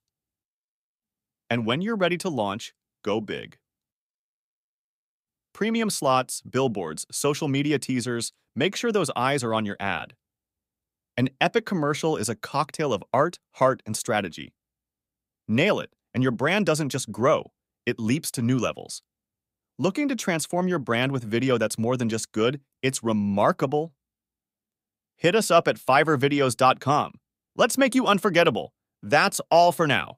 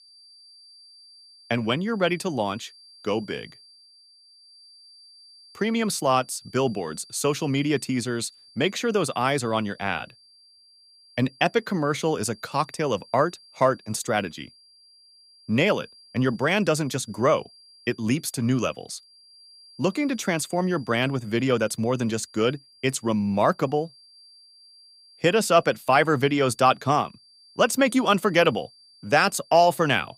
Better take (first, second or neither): first